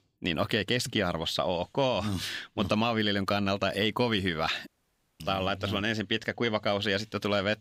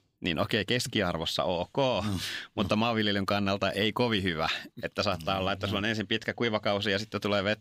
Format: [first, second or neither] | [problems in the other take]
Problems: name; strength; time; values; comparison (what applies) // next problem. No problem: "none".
second | audio cutting out; at 4.5 s for 0.5 s